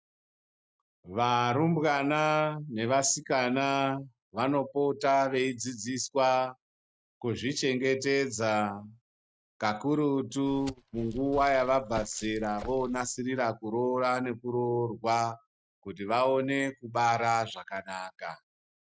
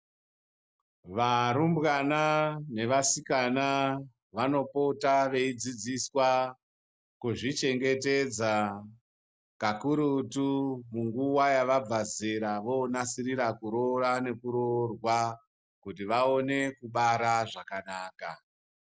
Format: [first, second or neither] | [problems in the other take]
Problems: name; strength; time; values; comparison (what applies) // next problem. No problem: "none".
second | noise reduction (neural mask model RNNoise)